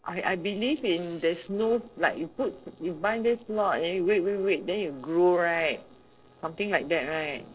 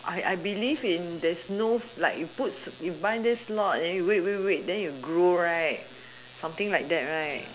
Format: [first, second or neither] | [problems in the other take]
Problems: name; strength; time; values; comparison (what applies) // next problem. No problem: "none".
second | noise reduction (neural separator model SepFormer DNS4)